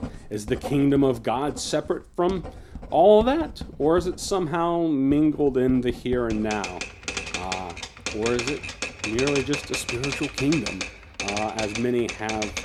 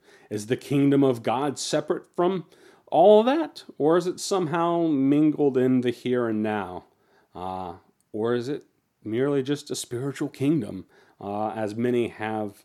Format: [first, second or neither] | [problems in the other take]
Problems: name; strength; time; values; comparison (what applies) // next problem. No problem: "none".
second | household noises; loud; throughout; 8 dB below the speech